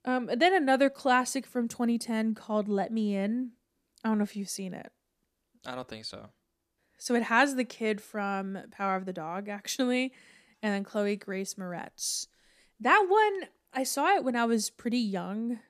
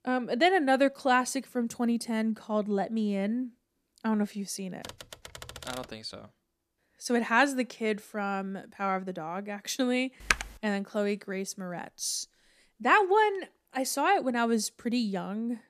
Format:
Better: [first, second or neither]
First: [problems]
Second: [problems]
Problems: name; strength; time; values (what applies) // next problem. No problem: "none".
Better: first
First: none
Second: keyboard typing; faint; from 5 to 6 s; peak 15 dB below the speech // keyboard typing; loud; at 10 s; peak level with the speech